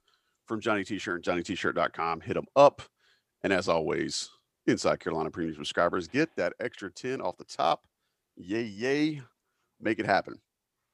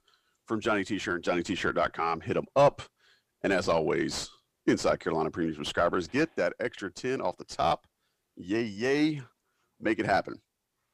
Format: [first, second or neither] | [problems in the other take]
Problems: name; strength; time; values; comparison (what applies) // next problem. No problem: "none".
first | distortion; slight; 10 dB below the speech